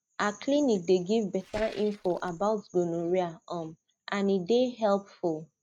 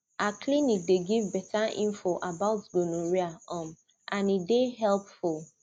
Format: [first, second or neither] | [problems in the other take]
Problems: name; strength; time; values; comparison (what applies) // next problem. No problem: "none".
second | noise reduction (neural mask model RNNoise)